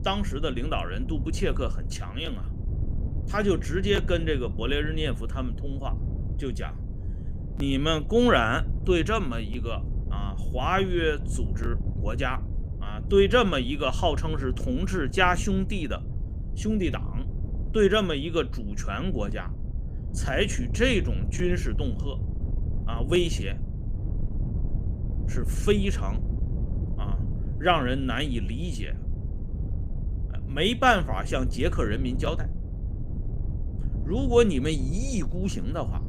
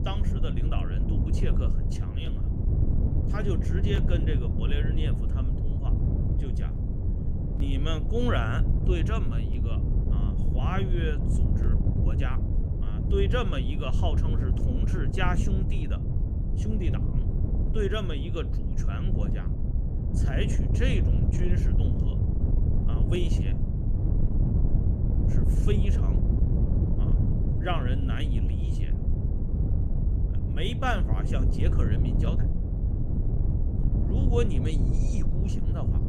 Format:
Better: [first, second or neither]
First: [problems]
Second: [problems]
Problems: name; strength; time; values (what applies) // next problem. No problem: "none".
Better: first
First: wind noise on the microphone; occasional gusts; 20 dB below the speech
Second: wind noise on the microphone; heavy; 4 dB below the speech